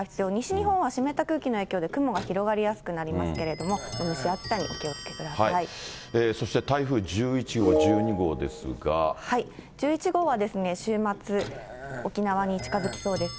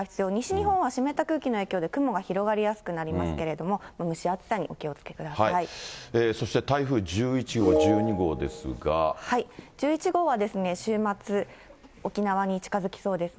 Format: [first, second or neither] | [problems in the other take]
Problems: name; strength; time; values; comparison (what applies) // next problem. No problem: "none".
second | background sound (Clock + Burping, eructation); 14 dB below the speech